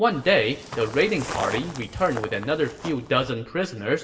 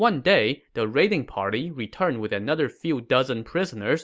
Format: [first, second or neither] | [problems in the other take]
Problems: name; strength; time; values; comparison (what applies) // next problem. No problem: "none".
second | background sound (Walk, footsteps); 11 dB below the speech // room echo; dies away in 0.7 s